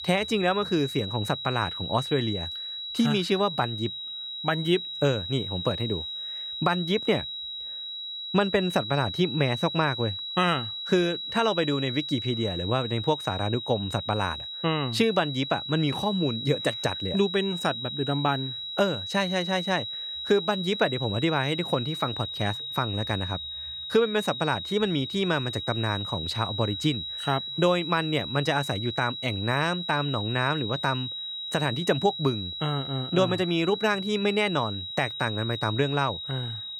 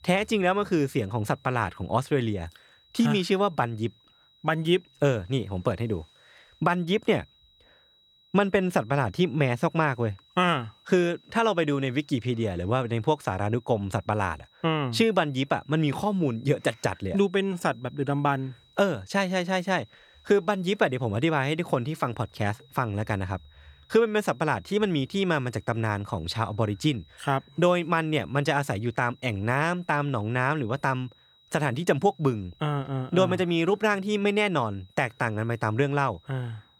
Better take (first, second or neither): second